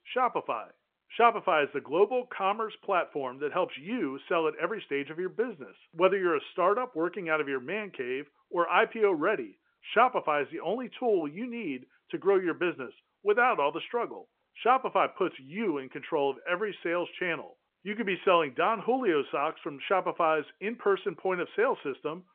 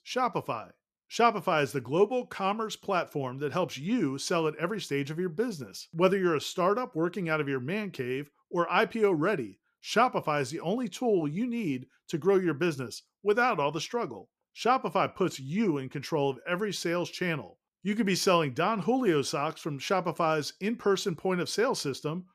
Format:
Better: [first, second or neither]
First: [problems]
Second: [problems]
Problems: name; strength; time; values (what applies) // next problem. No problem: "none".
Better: second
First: phone-call audio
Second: none